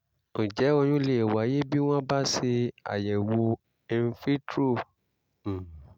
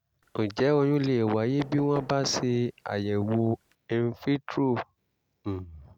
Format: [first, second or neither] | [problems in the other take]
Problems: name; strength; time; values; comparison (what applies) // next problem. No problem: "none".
first | background sound (Knock / Wood); 20 dB below the speech